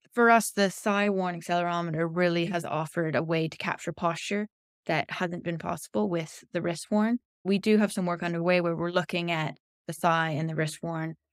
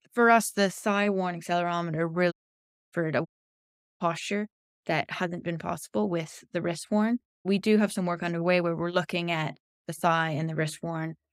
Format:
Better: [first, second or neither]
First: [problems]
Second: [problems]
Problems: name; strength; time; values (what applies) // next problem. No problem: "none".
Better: first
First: none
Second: audio cutting out; at 2.5 s for 0.5 s and at 3.5 s for 0.5 s